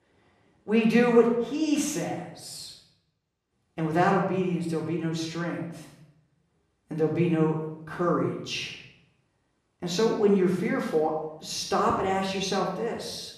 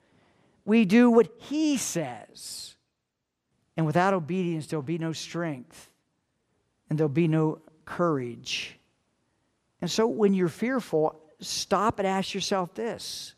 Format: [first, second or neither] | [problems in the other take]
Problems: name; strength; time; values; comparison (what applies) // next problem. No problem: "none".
second | off-mic speech; far // room echo; noticeable; dies away in 0.7 s